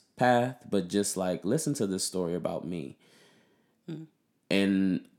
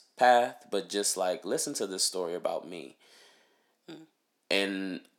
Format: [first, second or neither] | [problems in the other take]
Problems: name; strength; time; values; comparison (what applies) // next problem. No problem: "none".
first | thin; somewhat; fading below 450 Hz